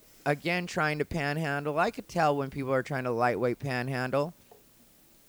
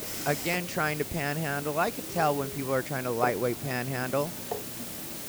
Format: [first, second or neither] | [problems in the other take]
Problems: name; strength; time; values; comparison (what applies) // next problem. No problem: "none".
first | hiss; loud; throughout; 6 dB below the speech; faint in the first